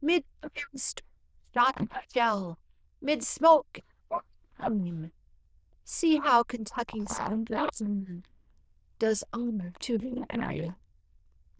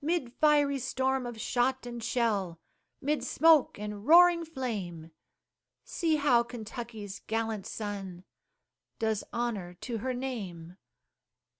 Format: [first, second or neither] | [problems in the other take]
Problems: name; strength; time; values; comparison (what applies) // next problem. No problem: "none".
second | noise reduction (neural diffusion model UNIVERSE++)